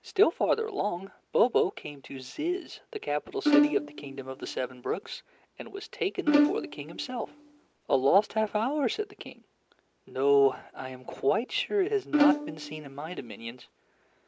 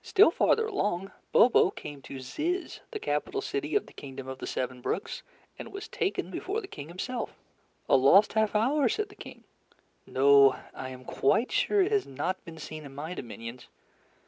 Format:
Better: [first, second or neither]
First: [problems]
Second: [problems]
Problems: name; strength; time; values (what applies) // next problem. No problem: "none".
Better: second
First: background sound (Bowed string instrument); 1 dB above the speech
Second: none